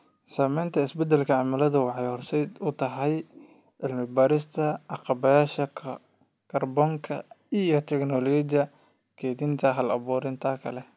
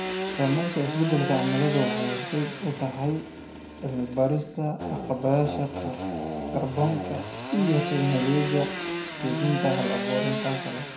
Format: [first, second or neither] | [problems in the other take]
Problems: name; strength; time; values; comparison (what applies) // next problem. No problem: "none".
first | background sound (Sawing / Engine); 4 dB below the speech // room echo; dies away in 0.5 s